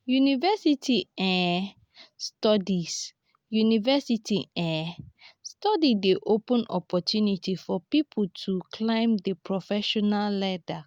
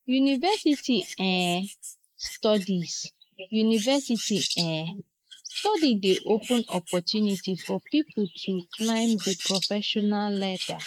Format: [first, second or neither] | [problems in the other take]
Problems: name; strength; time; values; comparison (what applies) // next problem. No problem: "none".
first | noise reduction (neural mask model Resemble Enhance denoiser)